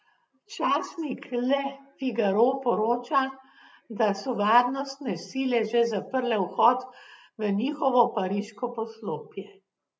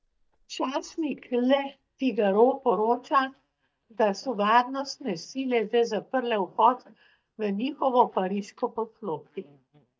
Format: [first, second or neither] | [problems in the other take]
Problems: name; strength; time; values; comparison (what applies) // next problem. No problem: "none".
first | noise reduction (neural mask model DeepFilterNet 3)